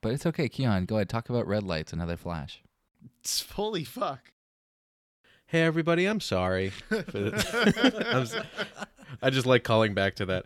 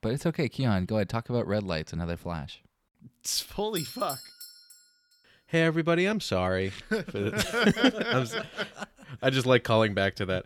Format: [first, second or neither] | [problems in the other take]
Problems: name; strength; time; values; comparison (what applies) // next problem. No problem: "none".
first | doorbell; noticeable; at 4 s; peak 9 dB below the speech